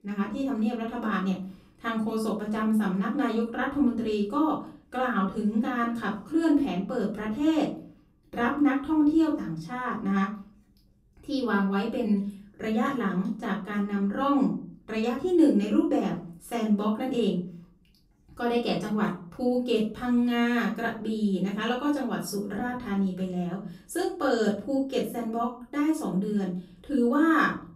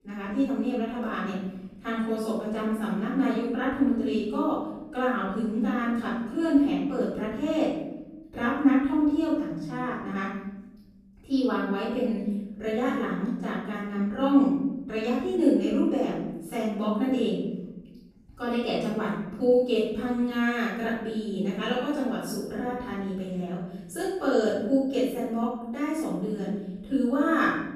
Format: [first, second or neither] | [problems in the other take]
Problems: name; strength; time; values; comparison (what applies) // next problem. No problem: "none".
first | room echo; strong; dies away in 0.9 s; slight in the first // off-mic speech; far; far in the first